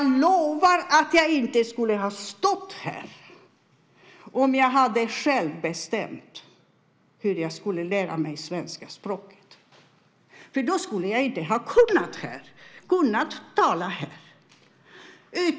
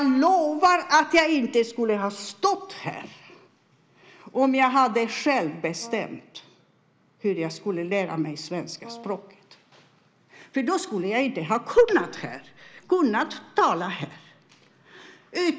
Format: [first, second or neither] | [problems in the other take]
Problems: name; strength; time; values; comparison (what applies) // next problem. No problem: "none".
first | background sound (Brass instrument); 20 dB below the speech